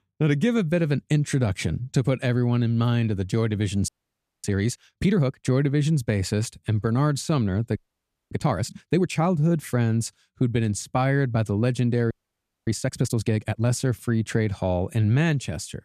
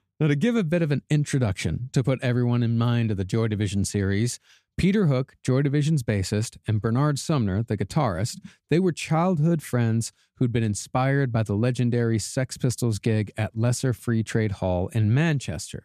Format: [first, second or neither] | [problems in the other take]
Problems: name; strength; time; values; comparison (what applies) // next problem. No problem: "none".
second | audio freezing; at 4 s for 0.5 s, at 8 s for 0.5 s and at 12 s for 0.5 s